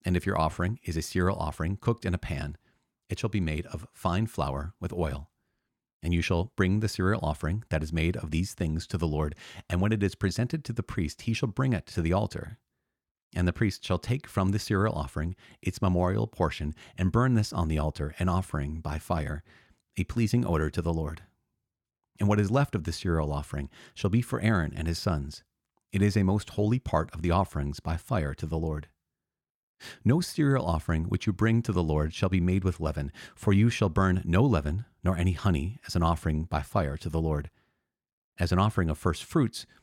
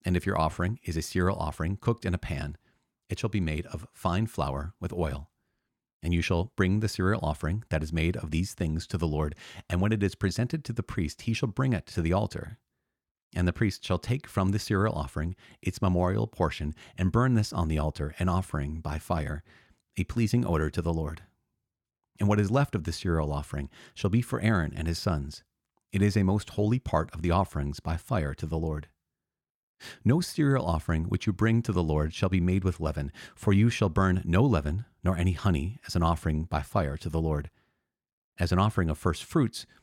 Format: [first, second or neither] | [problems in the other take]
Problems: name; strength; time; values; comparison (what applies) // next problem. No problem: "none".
neither | none